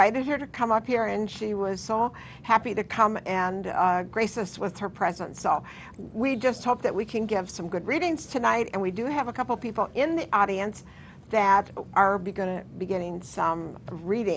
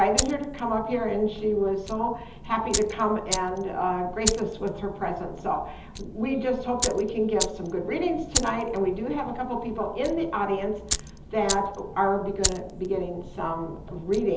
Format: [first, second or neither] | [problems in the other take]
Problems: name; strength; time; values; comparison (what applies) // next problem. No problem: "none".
first | background sound (Fire); 7 dB below the speech // room echo; dies away in 1.2 s